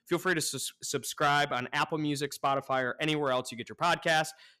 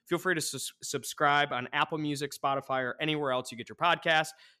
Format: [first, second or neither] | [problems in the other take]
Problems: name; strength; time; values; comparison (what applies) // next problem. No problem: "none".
second | distortion; slight; 3% of the sound clipped